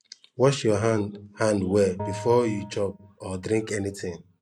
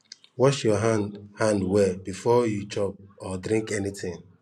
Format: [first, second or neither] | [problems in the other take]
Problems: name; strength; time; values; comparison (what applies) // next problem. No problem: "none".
second | noise reduction (neural mask model RNNoise)